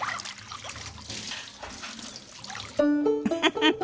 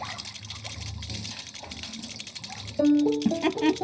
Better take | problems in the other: first | background sound (Rattle); 14 dB below the speech // room echo; dies away in 0.4 s

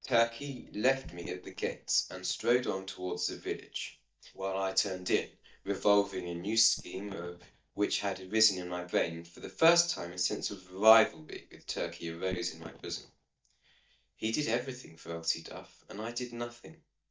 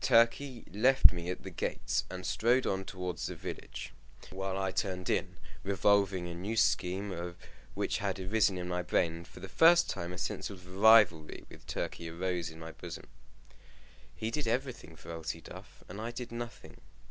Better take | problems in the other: second | noise reduction (neural mask model DeepFilterNet 3)

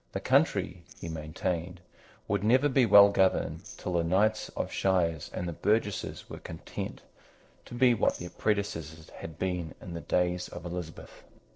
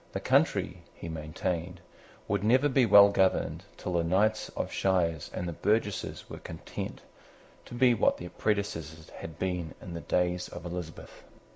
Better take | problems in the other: second | noise reduction (neural separator model SepFormer DNS4)

